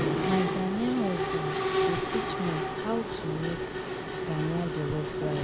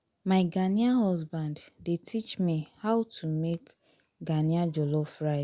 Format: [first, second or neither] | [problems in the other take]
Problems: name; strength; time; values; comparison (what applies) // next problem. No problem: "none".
second | background sound (Mechanisms); 2 dB above the speech